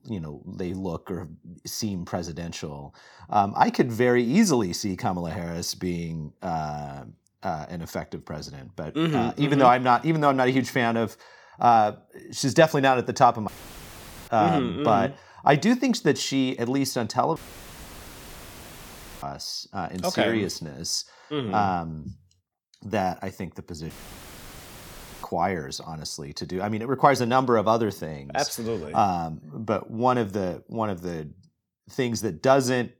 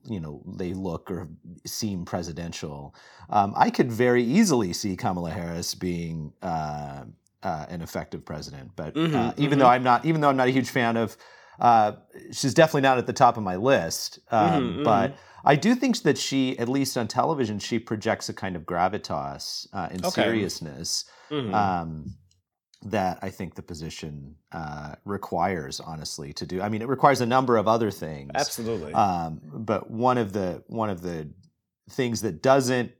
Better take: second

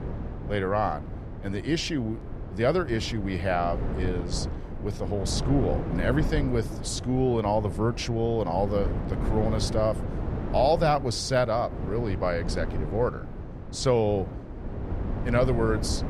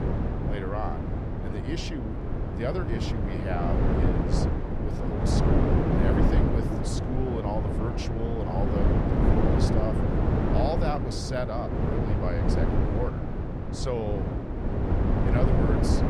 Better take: first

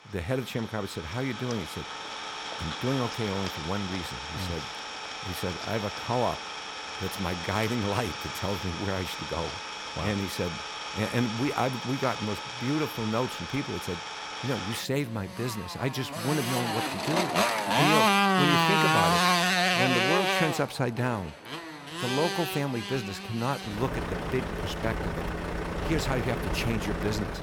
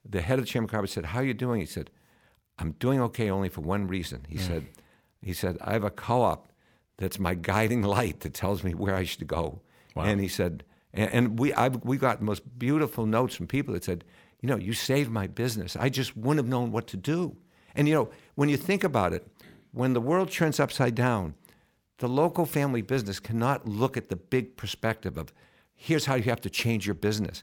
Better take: second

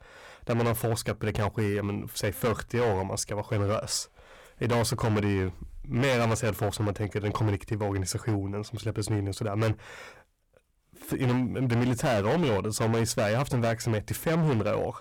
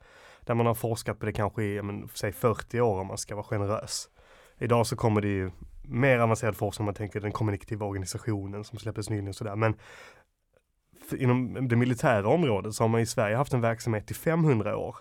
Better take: second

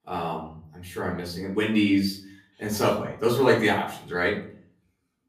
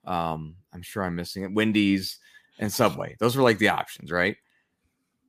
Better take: second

